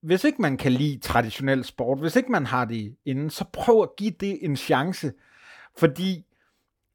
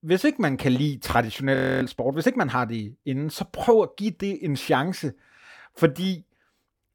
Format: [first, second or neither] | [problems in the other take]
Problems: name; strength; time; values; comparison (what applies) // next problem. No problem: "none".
first | audio freezing; at 1.5 s